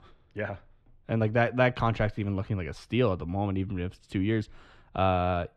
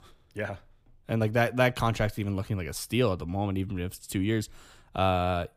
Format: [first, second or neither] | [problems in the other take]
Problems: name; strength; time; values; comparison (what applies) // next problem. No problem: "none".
second | muffled; slightly; fading above 3 kHz